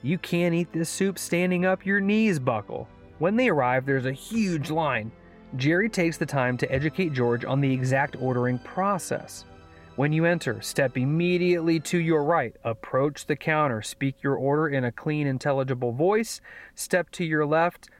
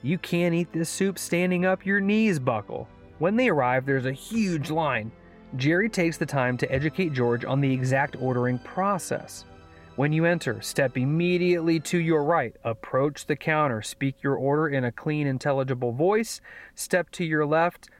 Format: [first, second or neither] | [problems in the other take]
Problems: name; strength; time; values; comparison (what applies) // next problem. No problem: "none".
neither | background music; faint; throughout; 25 dB below the speech; the same in both